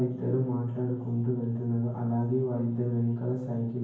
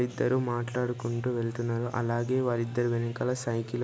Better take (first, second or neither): second